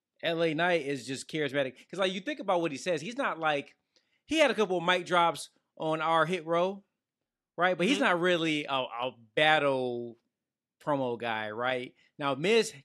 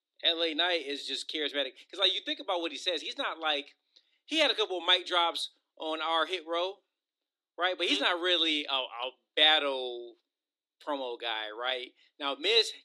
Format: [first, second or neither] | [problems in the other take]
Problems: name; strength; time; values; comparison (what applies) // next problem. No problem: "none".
first | thin; very slightly; fading below 300 Hz